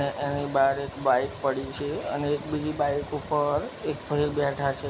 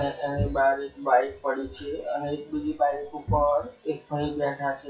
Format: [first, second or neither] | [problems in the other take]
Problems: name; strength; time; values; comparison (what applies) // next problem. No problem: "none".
first | noise reduction (classical method WPE with log-MMSE)